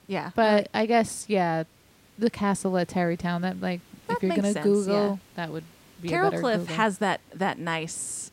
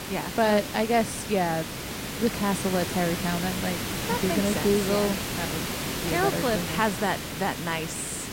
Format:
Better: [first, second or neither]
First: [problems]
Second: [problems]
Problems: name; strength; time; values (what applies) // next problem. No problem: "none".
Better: first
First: hiss; faint; throughout; 30 dB below the speech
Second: hiss; loud; throughout; 4 dB below the speech